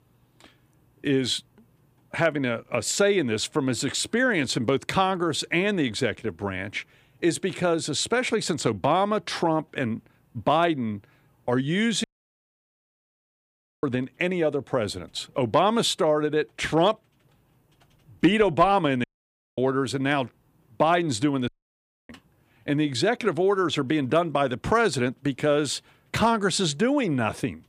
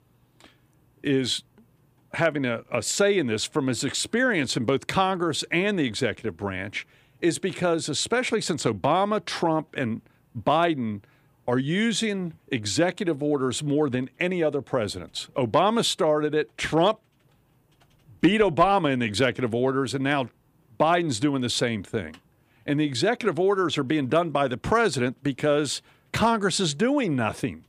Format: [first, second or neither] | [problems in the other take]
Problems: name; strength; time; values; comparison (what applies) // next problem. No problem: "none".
second | audio cutting out; at 12 s for 2 s, at 19 s for 0.5 s and at 21 s for 0.5 s